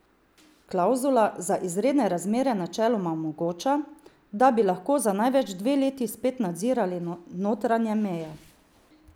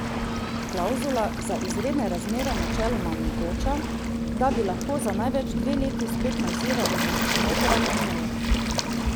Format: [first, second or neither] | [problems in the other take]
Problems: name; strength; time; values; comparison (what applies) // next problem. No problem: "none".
first | background sound (Waves, surf); 4 dB above the speech